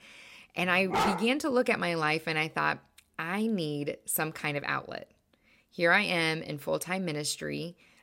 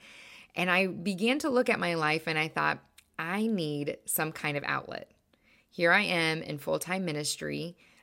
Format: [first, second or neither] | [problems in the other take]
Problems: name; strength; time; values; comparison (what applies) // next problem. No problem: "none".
second | dog barking; loud; at 1 s; peak level with the speech